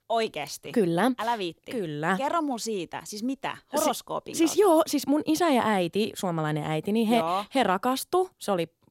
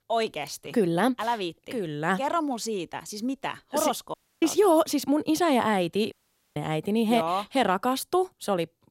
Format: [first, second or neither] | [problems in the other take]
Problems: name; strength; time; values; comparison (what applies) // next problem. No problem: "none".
first | audio cutting out; at 4 s and at 6 s